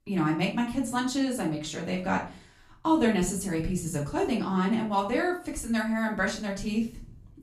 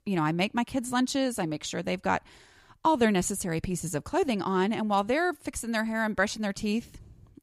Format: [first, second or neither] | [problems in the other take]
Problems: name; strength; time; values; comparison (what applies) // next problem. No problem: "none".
second | room echo; slight; dies away in 0.4 s // off-mic speech; far